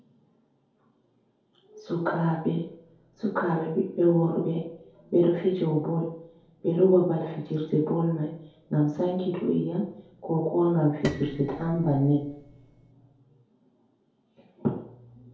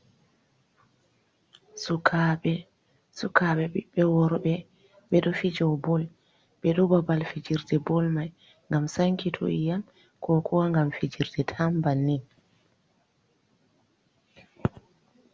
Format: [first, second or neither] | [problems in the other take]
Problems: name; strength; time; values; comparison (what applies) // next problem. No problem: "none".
second | background sound (Piano); 14 dB below the speech // room echo; dies away in 2.3 s